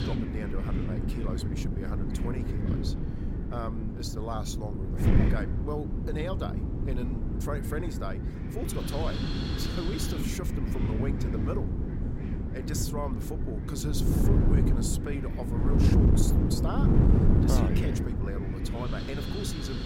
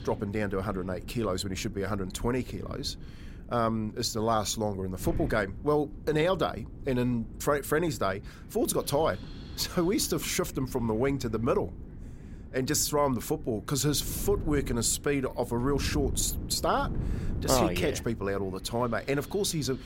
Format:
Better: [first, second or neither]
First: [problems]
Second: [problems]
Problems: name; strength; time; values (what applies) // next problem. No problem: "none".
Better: second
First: wind noise on the microphone; heavy; 1 dB above the speech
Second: wind noise on the microphone; occasional gusts; 20 dB below the speech